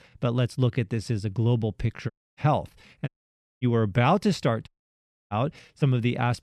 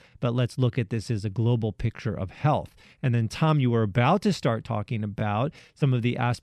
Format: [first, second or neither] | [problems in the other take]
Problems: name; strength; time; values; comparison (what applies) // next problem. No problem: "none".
second | audio cutting out; at 2 s, at 3 s for 0.5 s and at 4.5 s for 0.5 s